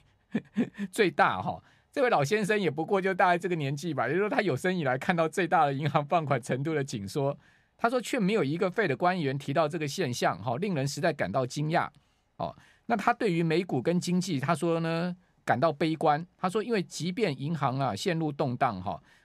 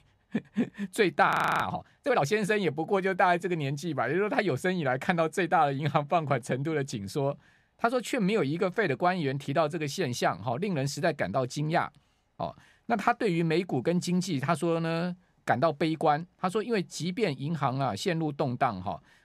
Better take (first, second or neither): first